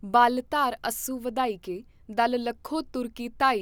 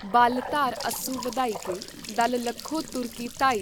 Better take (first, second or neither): first